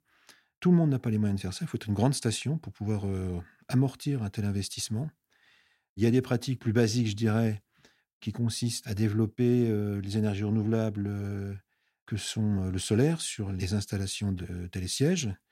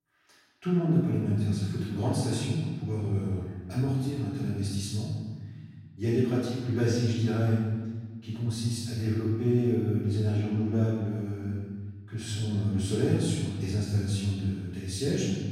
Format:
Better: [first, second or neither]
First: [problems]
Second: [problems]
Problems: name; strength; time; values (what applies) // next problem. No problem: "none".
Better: first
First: none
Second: room echo; strong; dies away in 1.5 s // off-mic speech; far